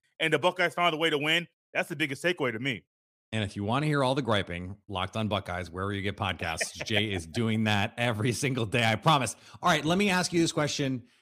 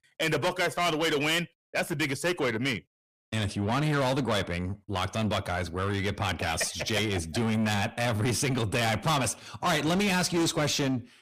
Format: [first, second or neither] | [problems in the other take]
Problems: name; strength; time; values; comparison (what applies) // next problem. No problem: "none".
first | distortion; heavy; 6 dB below the speech